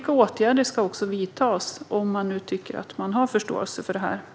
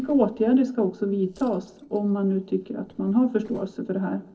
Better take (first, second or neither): first